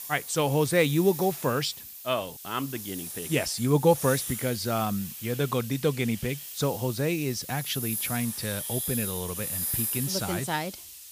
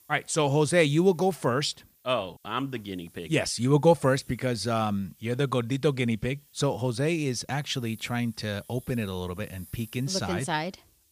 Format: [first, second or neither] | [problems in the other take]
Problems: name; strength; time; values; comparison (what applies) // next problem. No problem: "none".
second | hiss; loud; throughout; 6 dB below the speech; faint in the second